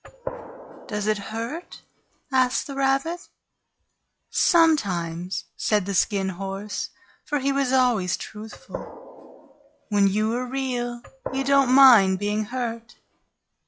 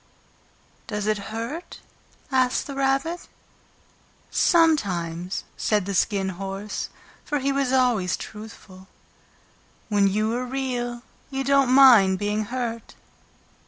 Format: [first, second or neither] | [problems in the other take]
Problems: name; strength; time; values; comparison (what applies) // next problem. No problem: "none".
second | noise reduction (classical method log-MMSE)